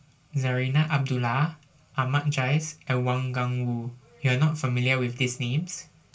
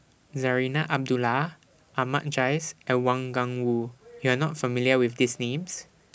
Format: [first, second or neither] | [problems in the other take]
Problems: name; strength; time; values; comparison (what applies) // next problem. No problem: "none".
second | room echo; dies away in 0.2 s